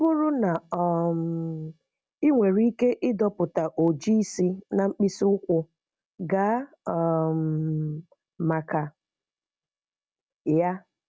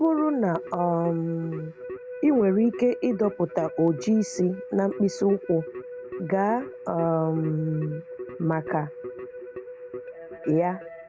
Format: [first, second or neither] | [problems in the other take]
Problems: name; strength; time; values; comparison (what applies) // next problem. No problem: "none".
first | background sound (Keyboard (musical)); 12 dB below the speech